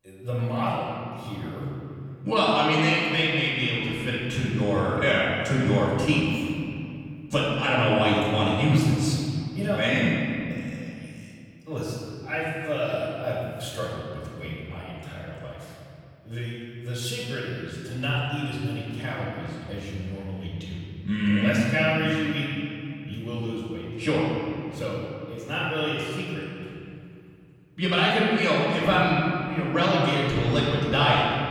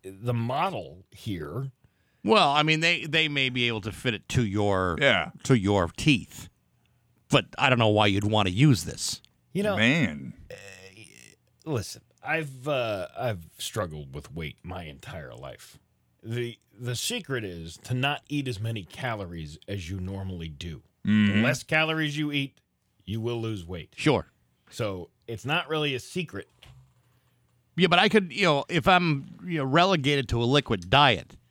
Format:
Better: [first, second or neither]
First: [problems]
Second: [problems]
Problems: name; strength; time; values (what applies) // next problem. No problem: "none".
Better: second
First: off-mic speech; far // room echo; strong; dies away in 2.4 s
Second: none